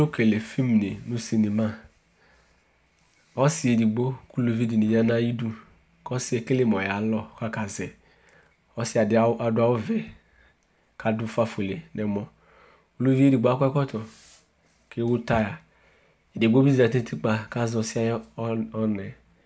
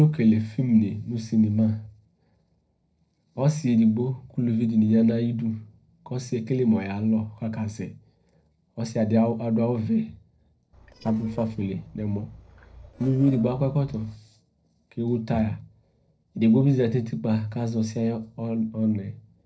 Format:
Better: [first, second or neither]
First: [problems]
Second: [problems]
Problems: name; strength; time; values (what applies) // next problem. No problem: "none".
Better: first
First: none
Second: noise reduction (neural separator model SepFormer DNS4)